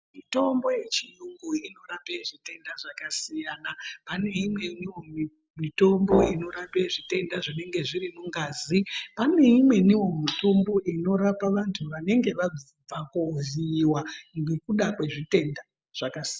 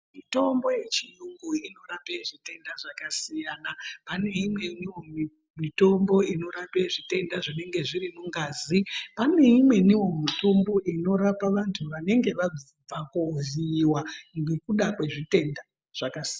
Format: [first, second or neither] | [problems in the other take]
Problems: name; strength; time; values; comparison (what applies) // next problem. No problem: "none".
second | background sound (Brass instrument); 4 dB below the speech